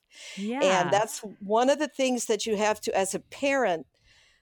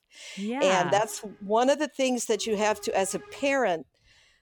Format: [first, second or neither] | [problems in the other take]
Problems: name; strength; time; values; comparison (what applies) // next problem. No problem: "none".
first | hiss; faint; from 0.5 to 1.5 s and from 2.5 to 3.5 s; 20 dB below the speech